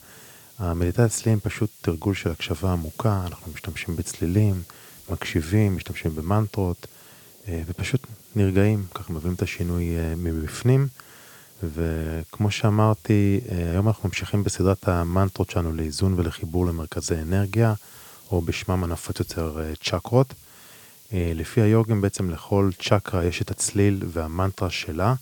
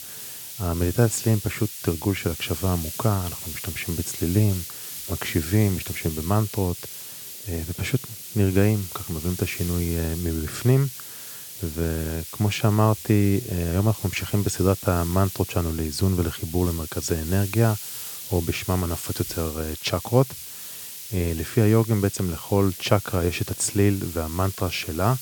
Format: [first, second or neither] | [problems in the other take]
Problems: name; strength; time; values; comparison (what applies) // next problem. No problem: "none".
first | hiss; loud; throughout; 9 dB below the speech; faint in the first